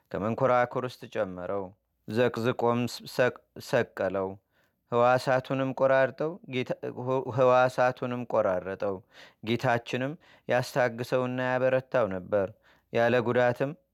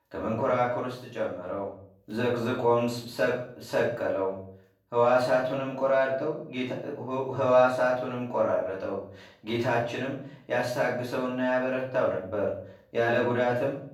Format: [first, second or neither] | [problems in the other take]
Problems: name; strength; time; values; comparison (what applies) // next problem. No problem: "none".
first | off-mic speech; far // room echo; noticeable; dies away in 0.5 s